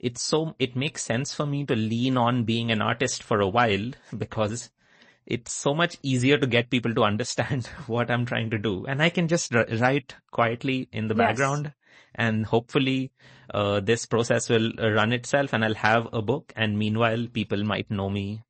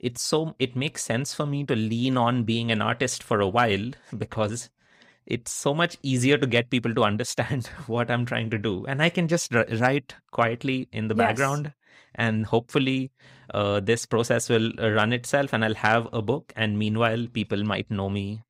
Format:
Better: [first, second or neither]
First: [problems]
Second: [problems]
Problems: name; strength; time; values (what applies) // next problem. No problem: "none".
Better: second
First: garbled, watery; slightly; nothing above 8 kHz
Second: none